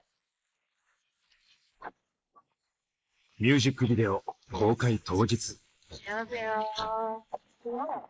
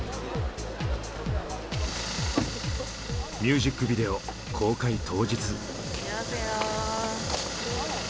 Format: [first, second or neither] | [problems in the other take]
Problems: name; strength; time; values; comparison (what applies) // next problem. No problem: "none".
second | noise reduction (neural mask model Resemble Enhance denoiser)